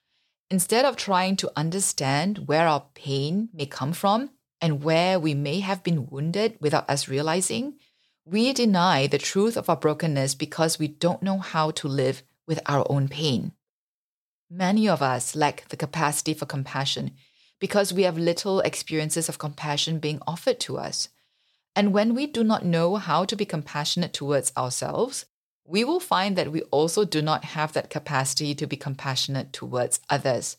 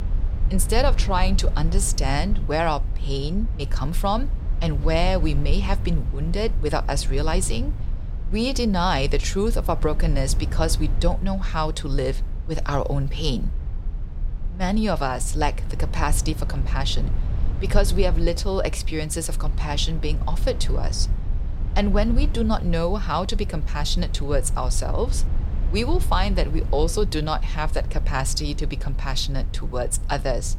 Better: first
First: none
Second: low rumble; noticeable; throughout; 15 dB below the speech

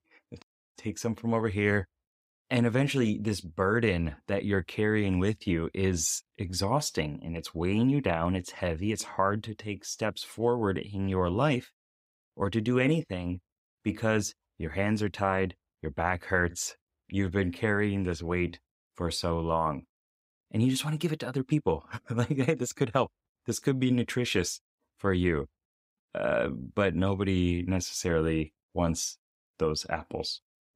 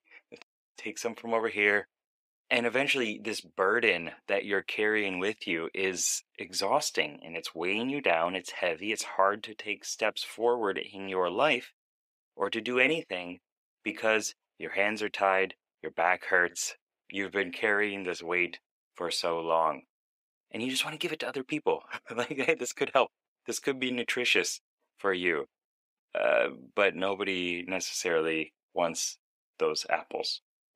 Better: first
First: none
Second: thin; somewhat; fading below 450 Hz

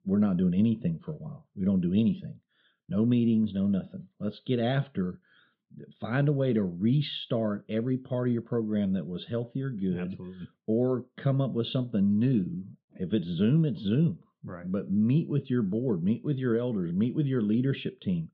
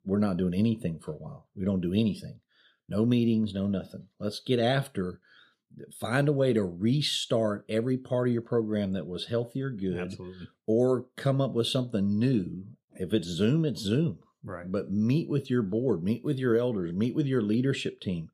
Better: second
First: muffled; slightly; fading above 3.5 kHz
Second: none

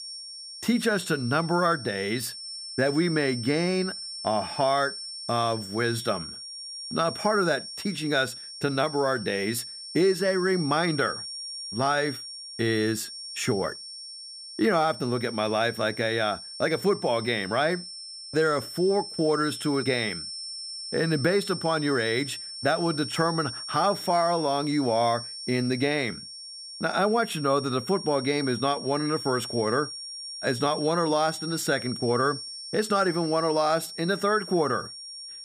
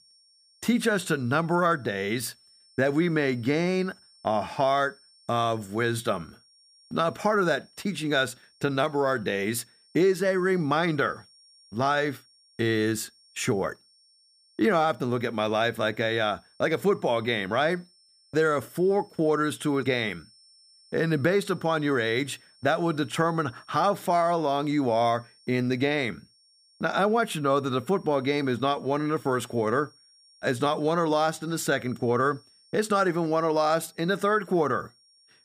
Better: second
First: high-pitched whine; loud; throughout; 5.5 kHz, 9 dB below the speech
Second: high-pitched whine; faint; throughout; 5.5 kHz, 30 dB below the speech

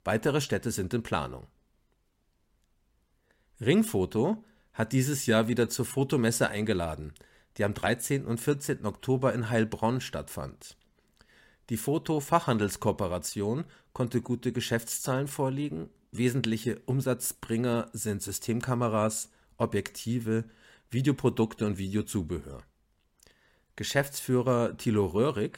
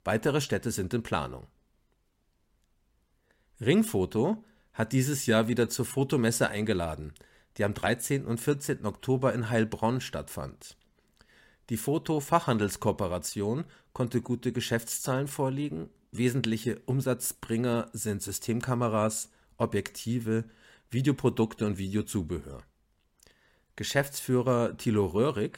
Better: neither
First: none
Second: none

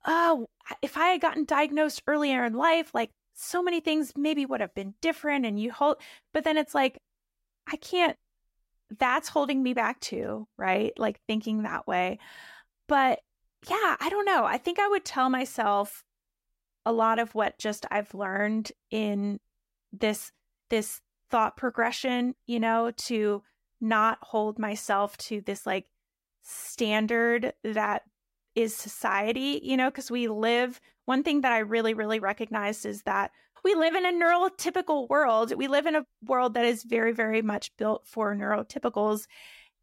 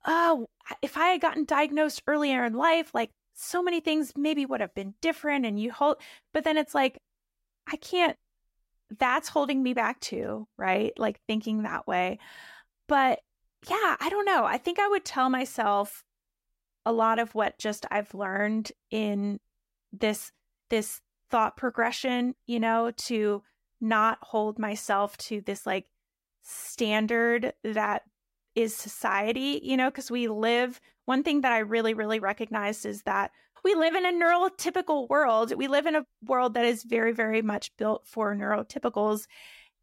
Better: neither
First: none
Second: none

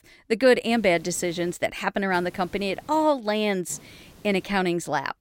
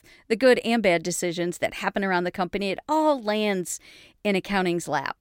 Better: second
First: hiss; faint; at 0.5 s, at 2 s and at 3.5 s; 25 dB below the speech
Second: none

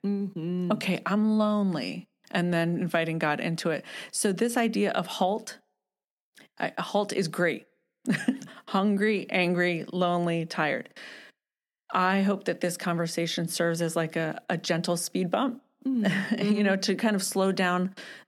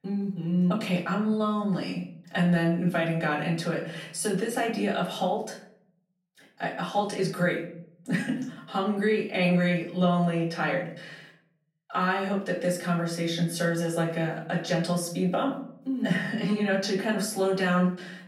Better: first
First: none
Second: off-mic speech; far // room echo; slight; dies away in 0.6 s

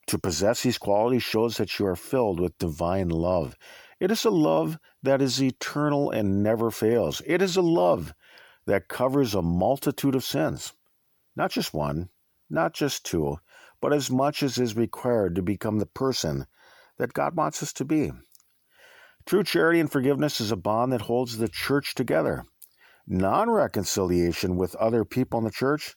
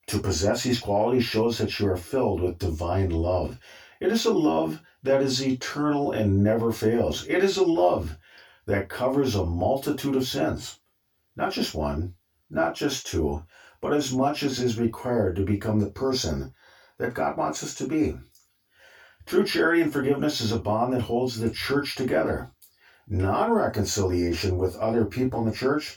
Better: first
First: none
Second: room echo; very slight; dies away in 0.2 s // off-mic speech; far

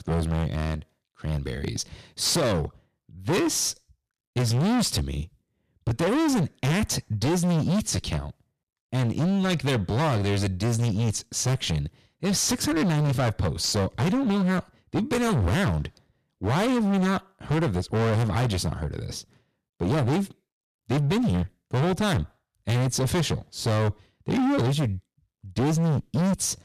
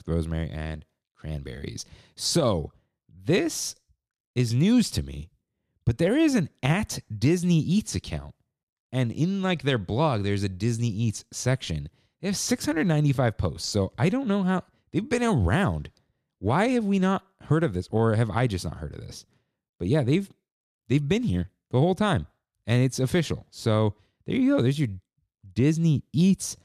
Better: second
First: distortion; heavy; 24% of the sound clipped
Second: none

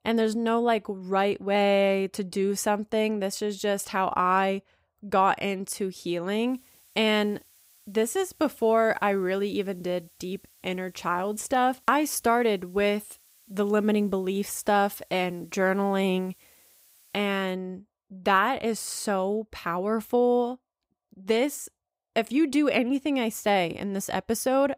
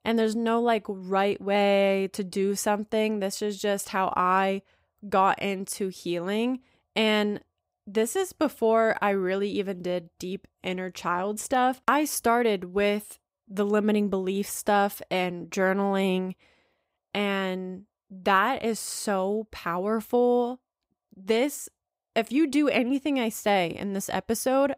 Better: second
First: hiss; faint; from 6.5 to 17 s; 30 dB below the speech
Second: none

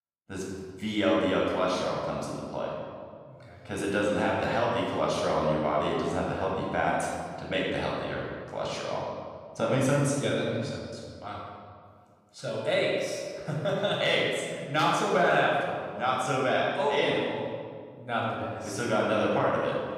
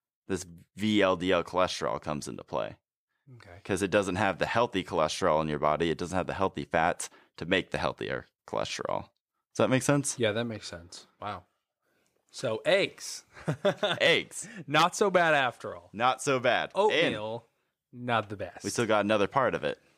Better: second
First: off-mic speech; far // room echo; strong; dies away in 1.7 s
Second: none

